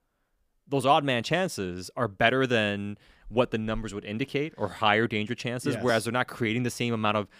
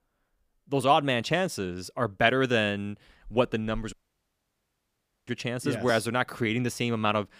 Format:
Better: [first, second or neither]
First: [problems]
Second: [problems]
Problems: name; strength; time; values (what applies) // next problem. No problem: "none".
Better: first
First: none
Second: audio cutting out; at 4 s for 1.5 s